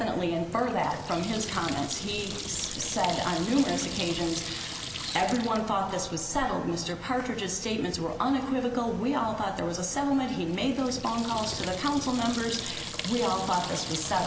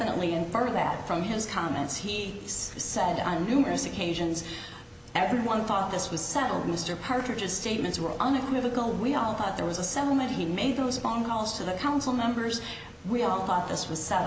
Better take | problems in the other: second | background sound (Sink (filling or washing) / Water tap, faucet); 10 dB below the speech

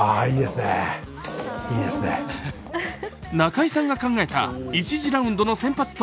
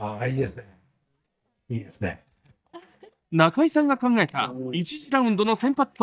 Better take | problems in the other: first | noise reduction (neural mask model DeepFilterNet 3)

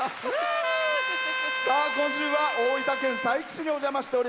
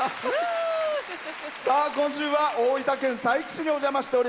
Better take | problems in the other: second | background sound (Trumpet); 3 dB below the speech

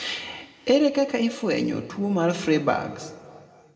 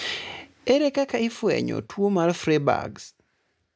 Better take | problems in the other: second | room echo; dies away in 1.5 s

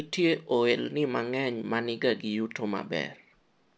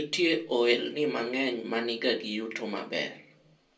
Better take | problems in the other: first | room echo; dies away in 0.2 s

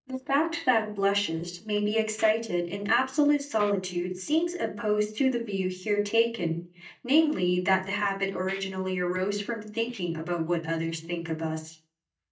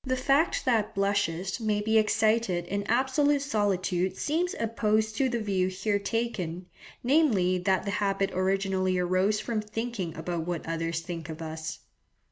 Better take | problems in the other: second | noise reduction (neural mask model DeepFilterNet 3)

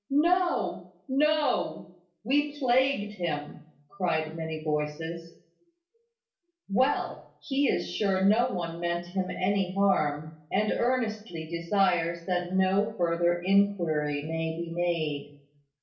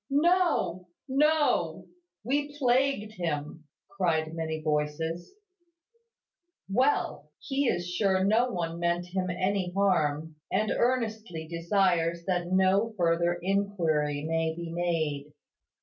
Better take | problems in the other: second | room echo; dies away in 0.5 s

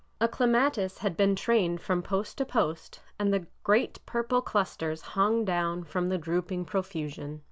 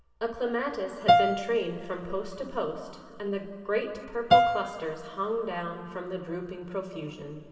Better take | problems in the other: first | background sound (Piano); 3 dB above the speech // room echo; dies away in 2.5 s

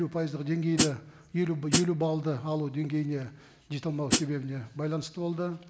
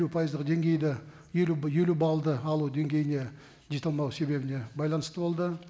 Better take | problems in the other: second | background sound (Hi-hat); 3 dB above the speech

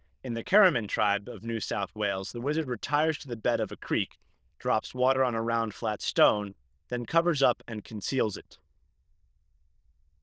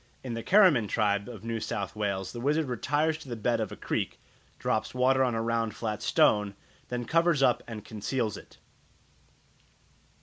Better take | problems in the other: second | noise reduction (neural diffusion model UNIVERSE++)

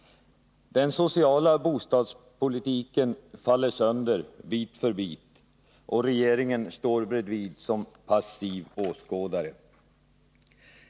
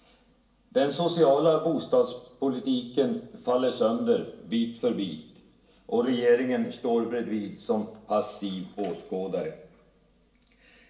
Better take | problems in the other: first | room echo; dies away in 0.8 s

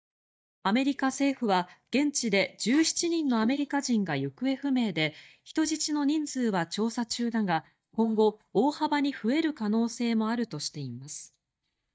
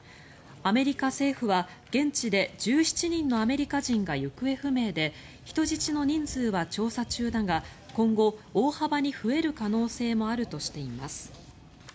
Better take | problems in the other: second | noise reduction (neural mask model DeepFilterNet 3)

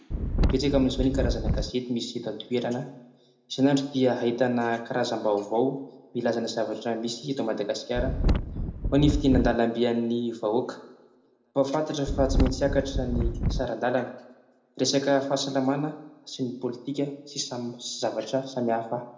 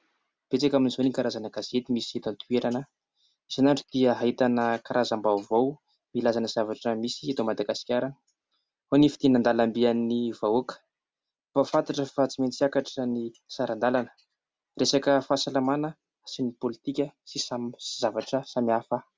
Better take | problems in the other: second | background sound (Wind); 1 dB above the speech // room echo; dies away in 0.7 s

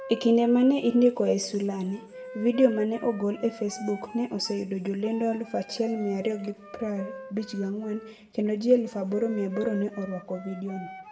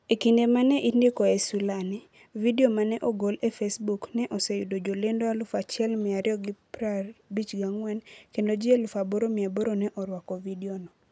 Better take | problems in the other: second | background sound (Wind instrument, woodwind instrument); 17 dB below the speech // room echo; dies away in 0.7 s

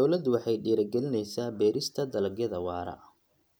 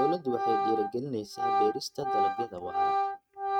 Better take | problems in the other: first | noise reduction (neural mask model RNNoise)

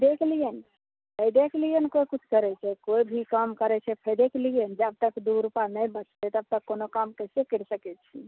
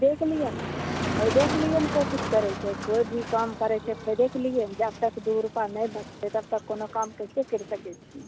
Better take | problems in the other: first | background sound (Motor vehicle (road)); 7 dB below the speech

